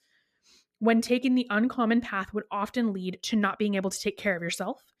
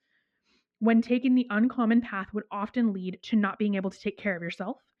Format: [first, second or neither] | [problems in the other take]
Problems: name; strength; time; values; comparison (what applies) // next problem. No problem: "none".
first | muffled; slightly; fading above 2.5 kHz